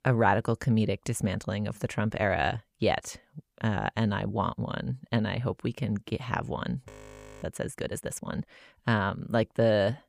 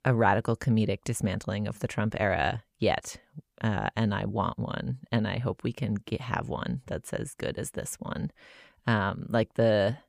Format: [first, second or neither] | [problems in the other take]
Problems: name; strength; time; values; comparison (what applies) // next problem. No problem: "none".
second | audio freezing; at 7 s for 0.5 s